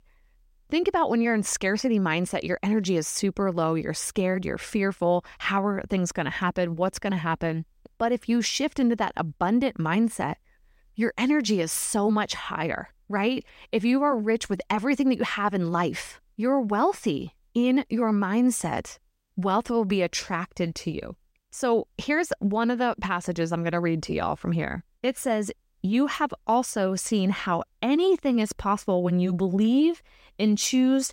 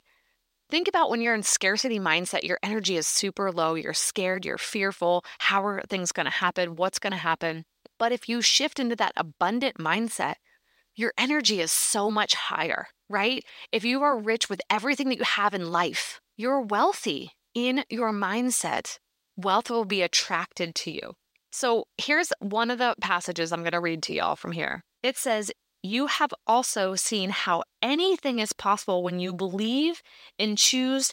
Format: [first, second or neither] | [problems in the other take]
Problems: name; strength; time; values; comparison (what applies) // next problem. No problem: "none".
first | thin; very slightly; fading below 700 Hz